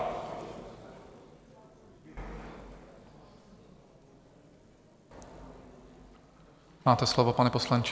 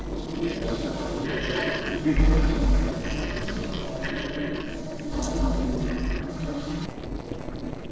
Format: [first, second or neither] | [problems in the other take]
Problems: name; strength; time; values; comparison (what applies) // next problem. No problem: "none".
first | noise reduction (neural separator model SepFormer DNS4)